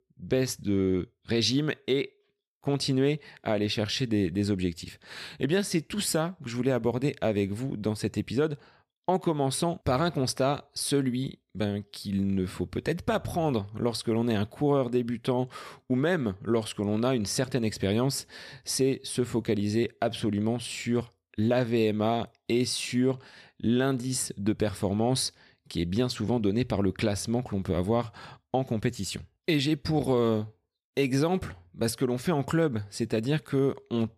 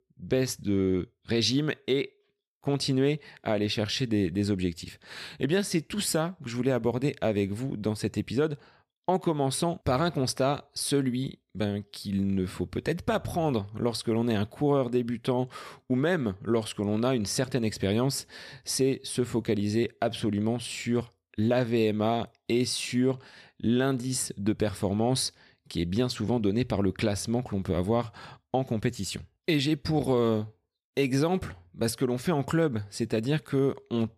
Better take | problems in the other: neither | none

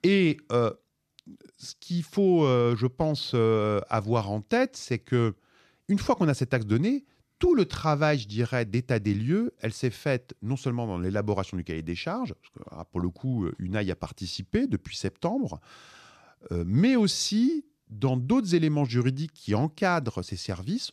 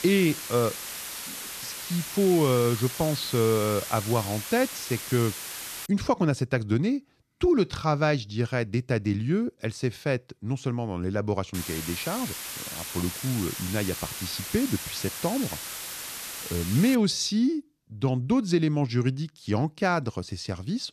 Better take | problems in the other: first | hiss; loud; until 6 s and from 12 to 17 s; 7 dB below the speech

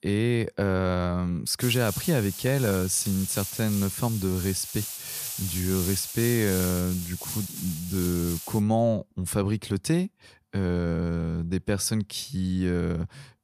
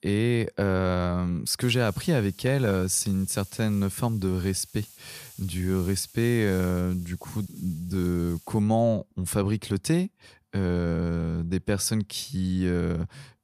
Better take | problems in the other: second | hiss; loud; from 1.5 to 8.5 s; 6 dB below the speech; faint in the second

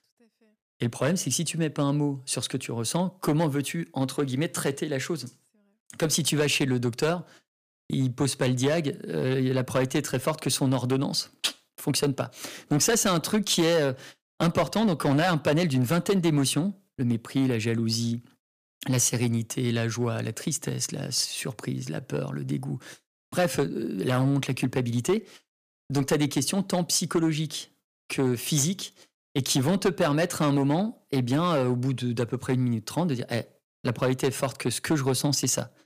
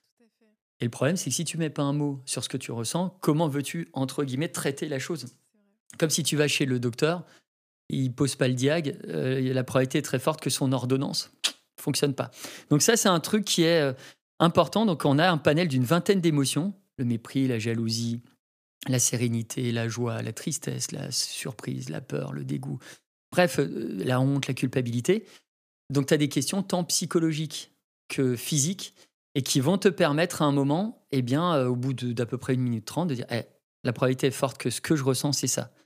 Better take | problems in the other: second | distortion; slight; 4% of the sound clipped

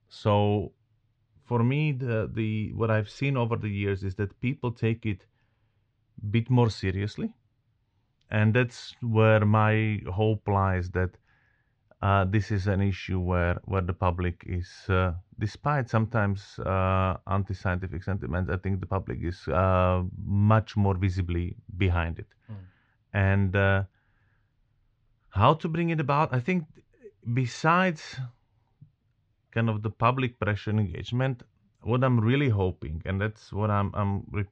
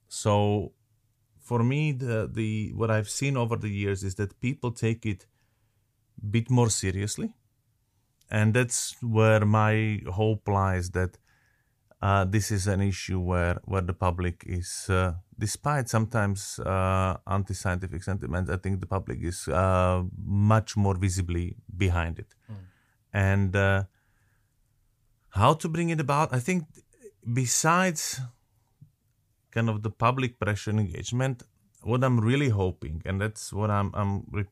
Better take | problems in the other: second | muffled; slightly; fading above 4 kHz

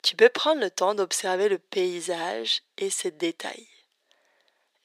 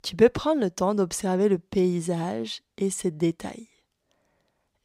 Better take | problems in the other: second | thin; very; fading below 400 Hz

